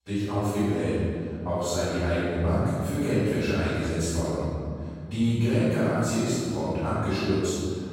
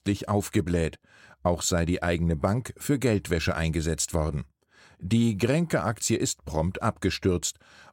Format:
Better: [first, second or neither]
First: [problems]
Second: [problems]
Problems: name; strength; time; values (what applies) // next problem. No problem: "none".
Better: second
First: off-mic speech; far // room echo; strong; dies away in 2.2 s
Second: none